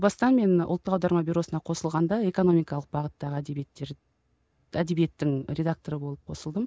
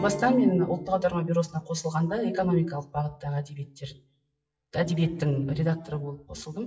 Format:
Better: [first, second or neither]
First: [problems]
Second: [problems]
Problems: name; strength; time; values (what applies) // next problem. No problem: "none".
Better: first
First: none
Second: noise reduction (classical method WPE with log-MMSE)